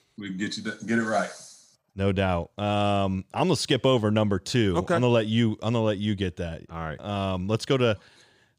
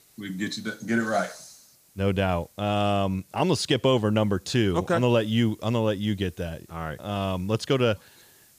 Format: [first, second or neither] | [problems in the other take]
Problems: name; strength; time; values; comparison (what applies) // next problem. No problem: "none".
first | hiss; faint; throughout; 30 dB below the speech